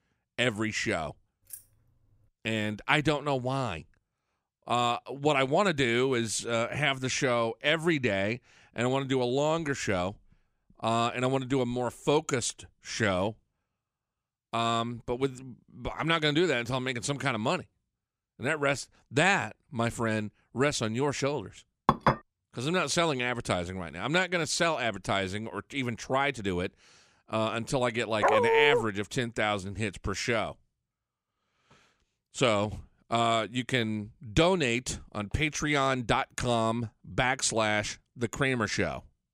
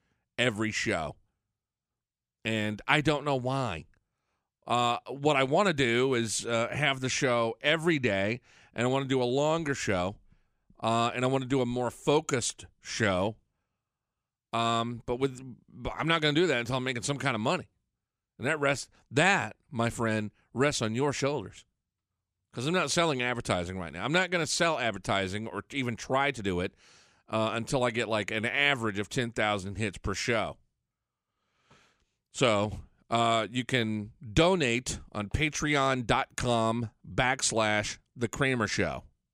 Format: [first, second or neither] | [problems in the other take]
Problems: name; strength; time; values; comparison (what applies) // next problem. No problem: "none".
second | jangling keys; faint; at 1.5 s; peak 15 dB below the speech // clattering dishes; loud; at 22 s; peak 3 dB above the speech // dog barking; loud; at 28 s; peak 5 dB above the speech